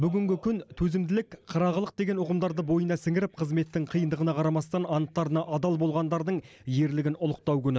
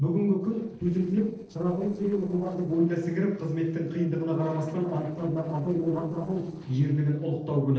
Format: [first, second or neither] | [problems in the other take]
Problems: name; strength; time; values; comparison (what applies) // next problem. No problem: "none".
first | noise reduction (neural separator model SepFormer DNS4)